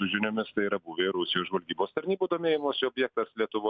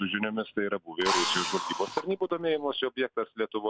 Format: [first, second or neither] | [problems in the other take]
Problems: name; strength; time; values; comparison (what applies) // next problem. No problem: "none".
first | background sound (Drill); 2 dB below the speech